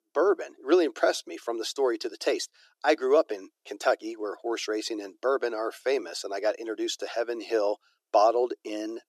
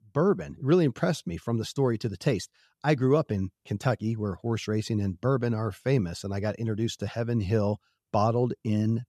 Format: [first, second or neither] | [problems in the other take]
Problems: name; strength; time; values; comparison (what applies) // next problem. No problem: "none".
second | thin; very; fading below 300 Hz